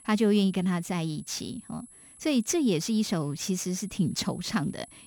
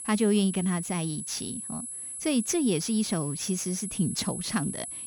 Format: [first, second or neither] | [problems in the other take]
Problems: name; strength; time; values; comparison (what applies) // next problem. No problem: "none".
first | high-pitched whine; loud; throughout; 10.5 kHz, 6 dB below the speech; faint in the first